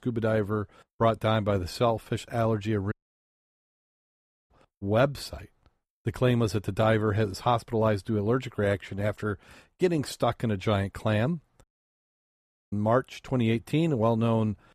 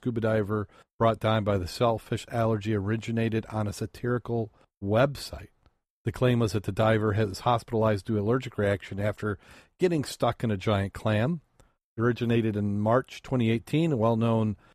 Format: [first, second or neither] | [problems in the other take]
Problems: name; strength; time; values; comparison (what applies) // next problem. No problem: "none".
second | audio cutting out; at 3 s for 1.5 s and at 12 s for 1 s